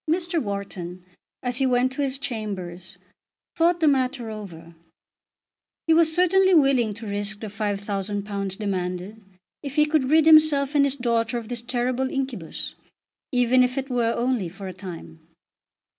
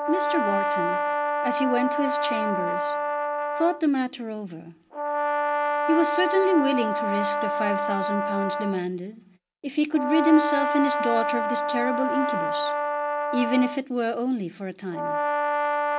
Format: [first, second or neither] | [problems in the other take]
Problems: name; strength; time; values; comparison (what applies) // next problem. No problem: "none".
first | background sound (Brass instrument); as loud as the speech